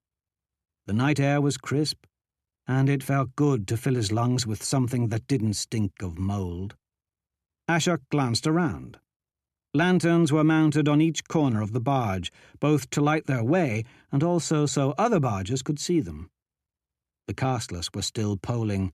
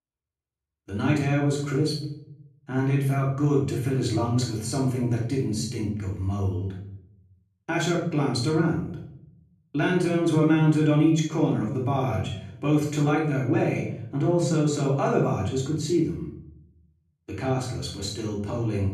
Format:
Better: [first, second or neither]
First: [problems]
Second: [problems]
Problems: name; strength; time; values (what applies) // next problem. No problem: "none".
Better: first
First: none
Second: off-mic speech; far // room echo; noticeable; dies away in 0.6 s